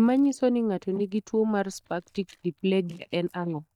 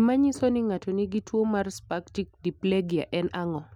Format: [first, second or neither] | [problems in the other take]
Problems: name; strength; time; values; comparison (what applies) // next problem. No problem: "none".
second | noise reduction (neural mask model DeepFilterNet 3)